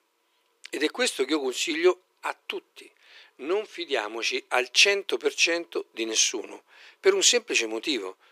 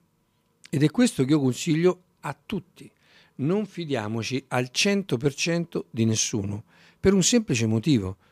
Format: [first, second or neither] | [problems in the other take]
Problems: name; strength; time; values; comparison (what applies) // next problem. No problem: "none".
second | thin; very; fading below 350 Hz